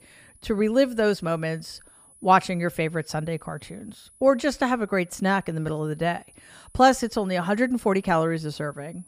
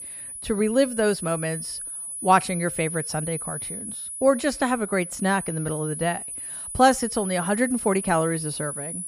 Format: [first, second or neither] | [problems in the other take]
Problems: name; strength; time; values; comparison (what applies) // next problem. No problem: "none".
first | high-pitched whine; loud; throughout; 10 kHz, 7 dB below the speech; faint in the first